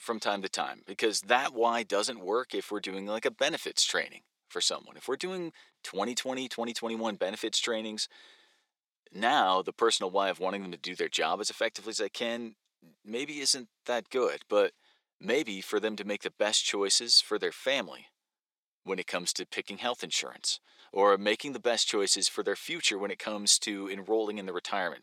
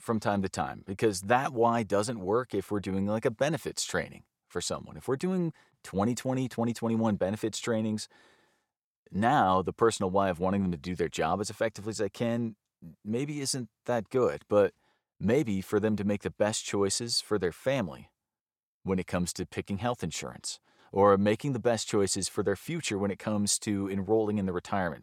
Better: second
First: thin; somewhat; fading below 300 Hz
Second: none

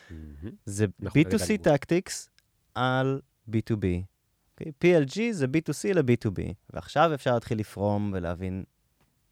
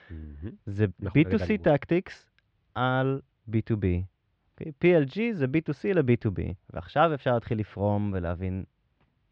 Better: first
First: none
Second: muffled; very; fading above 3.5 kHz

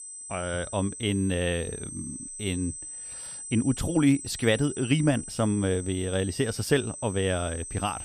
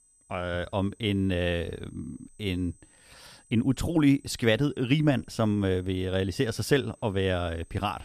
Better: second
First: high-pitched whine; loud; throughout; 8 kHz, 10 dB below the speech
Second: high-pitched whine; faint; throughout; 8 kHz, 30 dB below the speech

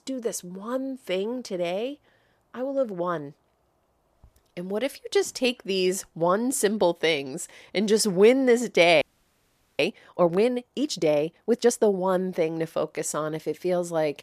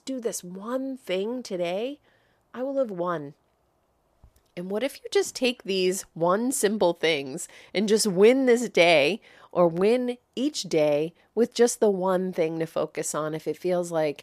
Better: second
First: audio freezing; at 9 s for 1 s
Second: none

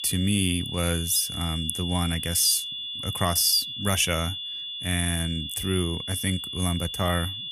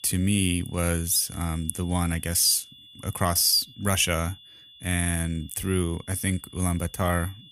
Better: second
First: high-pitched whine; loud; throughout; 3.5 kHz, 7 dB below the speech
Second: high-pitched whine; faint; throughout; 3.5 kHz, 25 dB below the speech

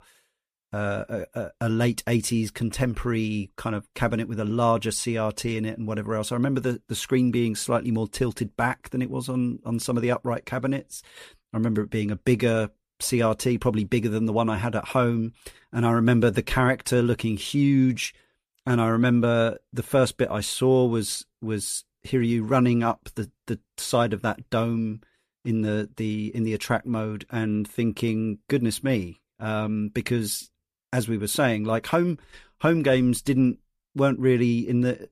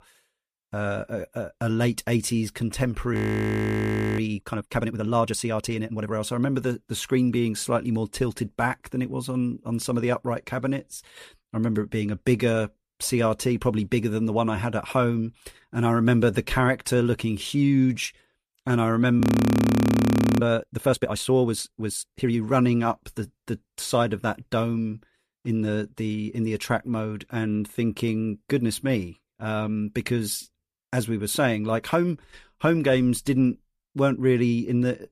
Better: first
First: none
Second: audio freezing; at 3 s for 1 s and at 19 s for 1 s

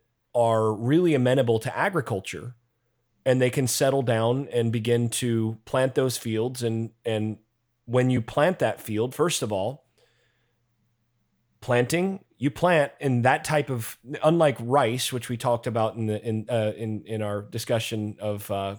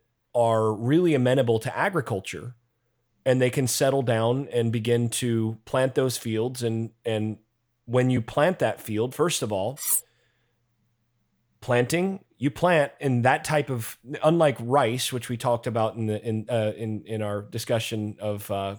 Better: first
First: none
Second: clattering dishes; loud; at 10 s; peak 1 dB above the speech

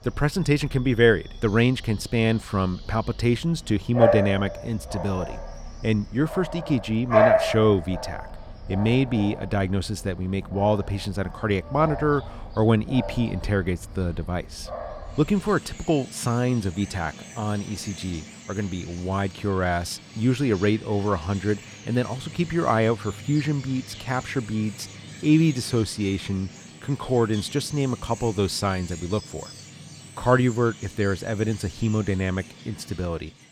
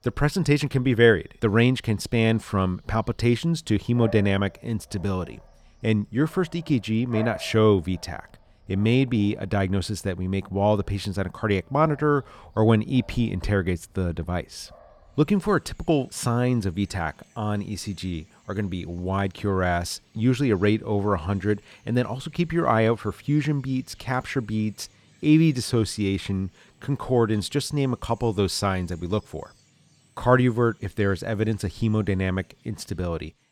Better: second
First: animal sounds; loud; throughout; 8 dB below the speech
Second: animal sounds; faint; throughout; 25 dB below the speech

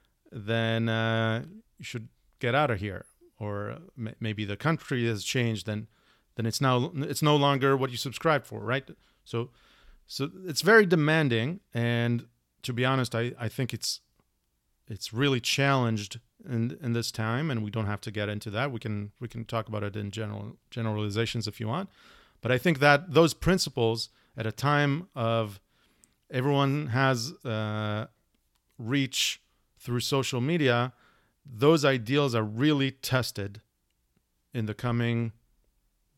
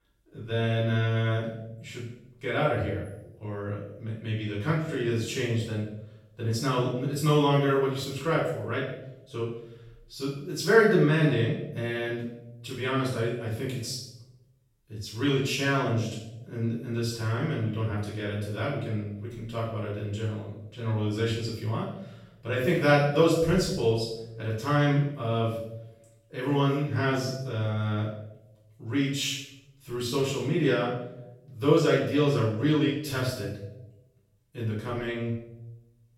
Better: first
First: none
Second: off-mic speech; far // room echo; noticeable; dies away in 0.7 s

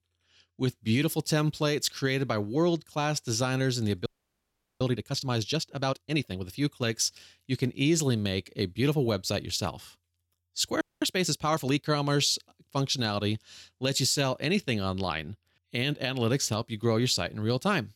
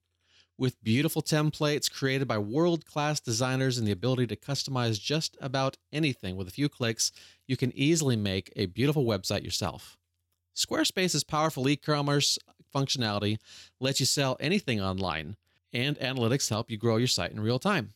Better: second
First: audio freezing; at 4 s for 1 s and at 11 s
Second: none

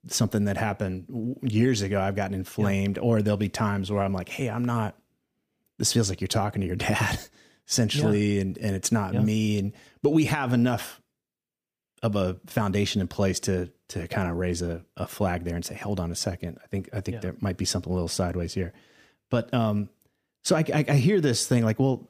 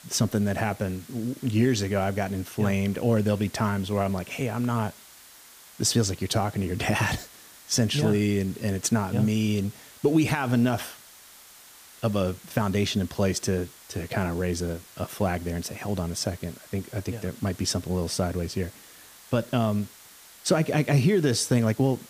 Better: first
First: none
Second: hiss; faint; throughout; 20 dB below the speech

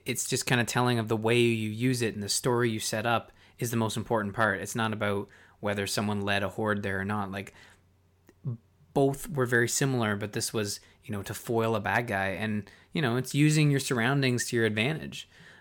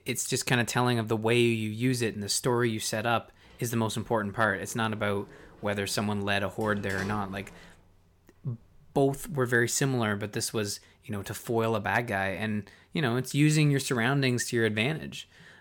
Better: first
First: none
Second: door banging; faint; from 3.5 to 9.5 s; peak 10 dB below the speech

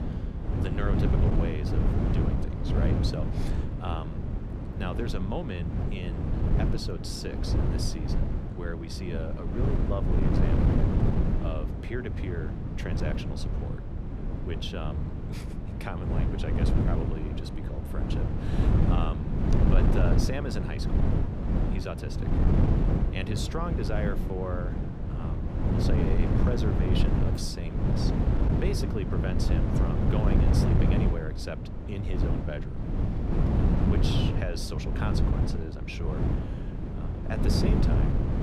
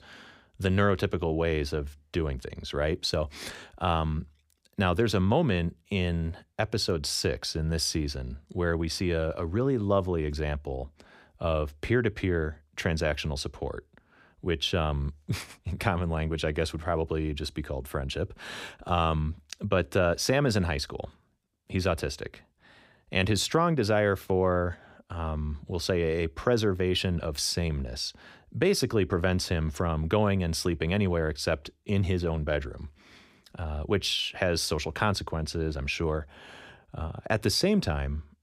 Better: second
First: wind noise on the microphone; heavy; 1 dB above the speech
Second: none

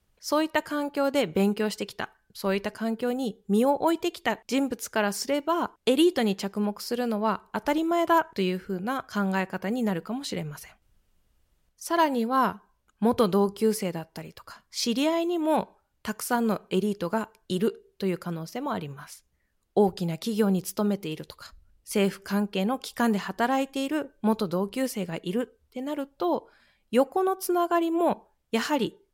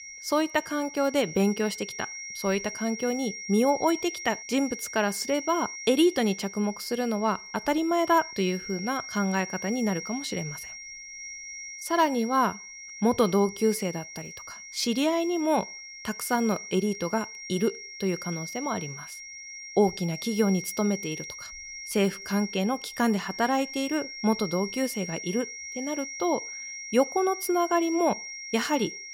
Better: first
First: none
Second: high-pitched whine; loud; throughout; 2 kHz, 10 dB below the speech

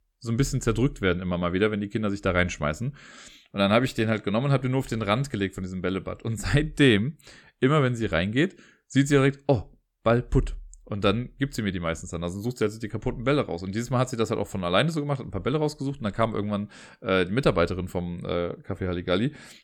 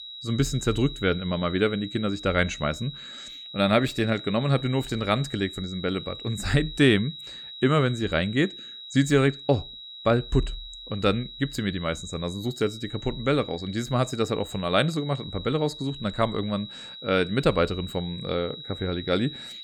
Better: first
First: none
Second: high-pitched whine; noticeable; throughout; 4 kHz, 10 dB below the speech

